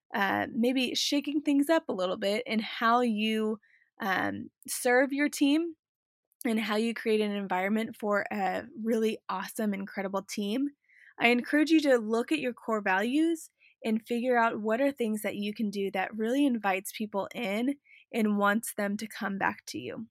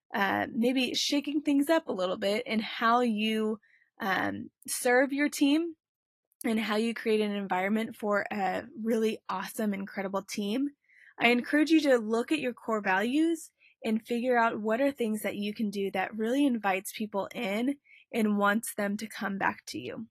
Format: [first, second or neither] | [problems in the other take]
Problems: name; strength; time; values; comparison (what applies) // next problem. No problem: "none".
first | garbled, watery; slightly; nothing above 14.5 kHz